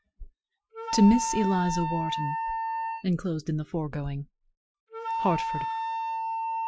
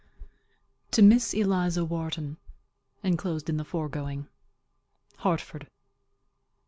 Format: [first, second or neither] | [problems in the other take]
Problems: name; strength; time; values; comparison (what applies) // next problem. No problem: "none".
second | noise reduction (classical method Wiener filter)